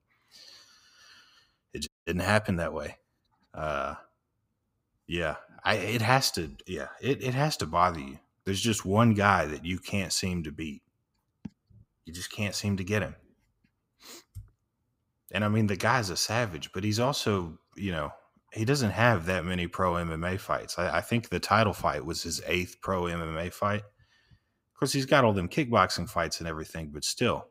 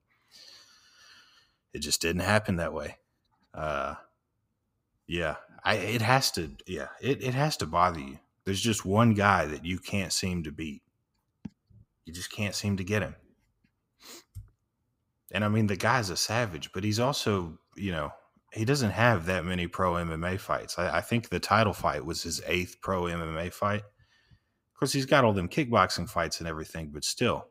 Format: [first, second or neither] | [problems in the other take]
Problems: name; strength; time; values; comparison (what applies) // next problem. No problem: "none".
second | audio cutting out; at 2 s